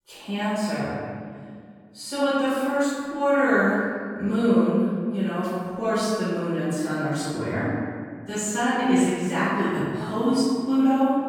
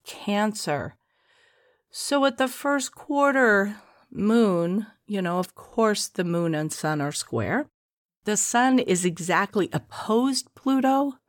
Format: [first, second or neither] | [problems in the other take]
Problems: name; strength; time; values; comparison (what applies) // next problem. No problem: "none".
second | off-mic speech; far // room echo; strong; dies away in 2 s